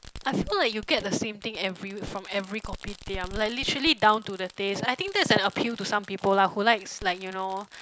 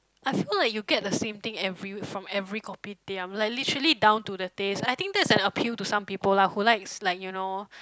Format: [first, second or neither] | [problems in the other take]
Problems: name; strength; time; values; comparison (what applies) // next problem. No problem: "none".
second | background sound (Fireworks); 17 dB below the speech